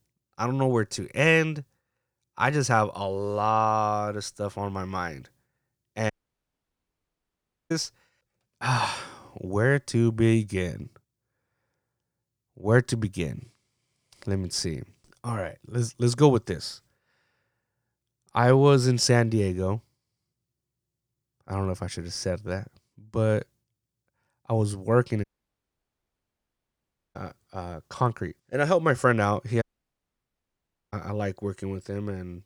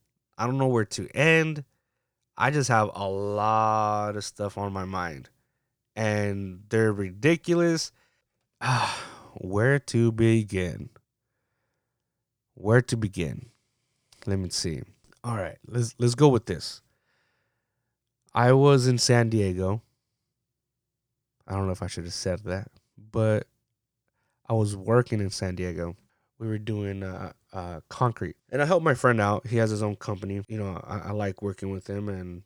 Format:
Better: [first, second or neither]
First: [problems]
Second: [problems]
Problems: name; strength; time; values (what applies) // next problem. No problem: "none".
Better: second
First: audio cutting out; at 6 s for 1.5 s, at 25 s for 2 s and at 30 s for 1.5 s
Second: none